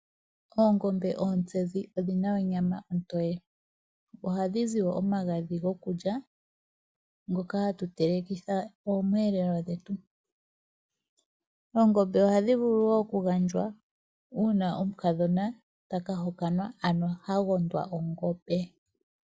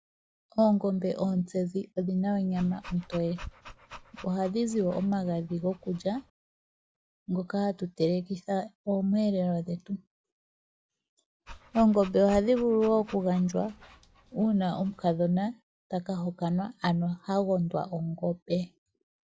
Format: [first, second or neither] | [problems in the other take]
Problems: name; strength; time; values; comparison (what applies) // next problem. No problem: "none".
first | background sound (Dog); 19 dB below the speech